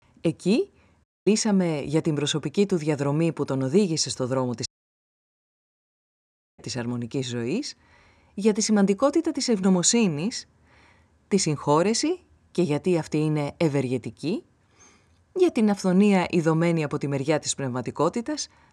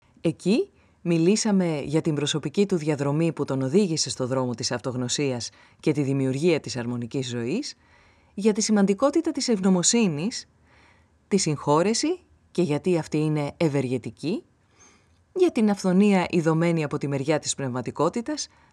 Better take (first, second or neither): second